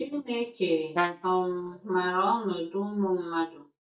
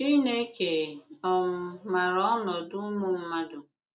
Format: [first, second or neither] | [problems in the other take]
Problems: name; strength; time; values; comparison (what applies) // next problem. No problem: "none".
second | noise reduction (neural mask model DeepFilterNet 3)